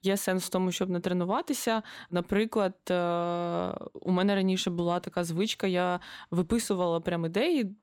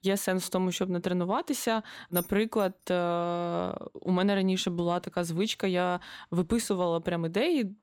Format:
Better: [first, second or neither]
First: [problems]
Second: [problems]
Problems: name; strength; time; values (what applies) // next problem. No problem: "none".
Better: first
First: none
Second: jangling keys; noticeable; at 2 s; peak 6 dB below the speech